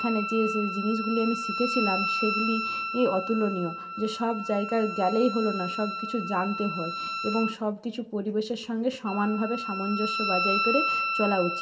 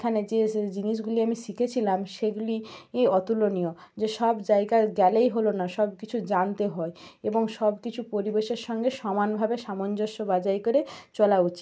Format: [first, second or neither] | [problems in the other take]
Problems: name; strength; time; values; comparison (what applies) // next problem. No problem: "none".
second | background sound (Wind instrument, woodwind instrument); 3 dB below the speech // room echo; dies away in 0.6 s